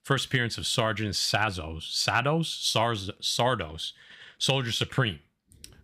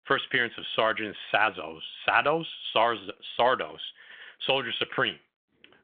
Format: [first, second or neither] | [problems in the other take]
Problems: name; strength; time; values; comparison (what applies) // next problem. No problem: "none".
first | phone-call audio; nothing above 3.5 kHz